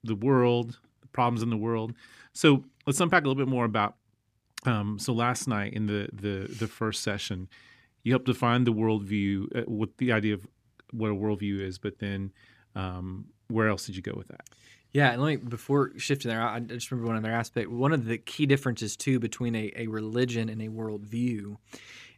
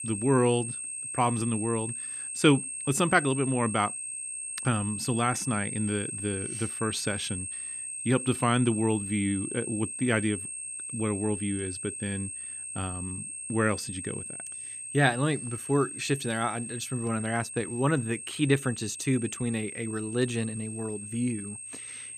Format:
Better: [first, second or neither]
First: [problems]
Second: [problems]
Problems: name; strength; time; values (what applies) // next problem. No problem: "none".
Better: first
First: none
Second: high-pitched whine; loud; throughout; 8.5 kHz, 6 dB below the speech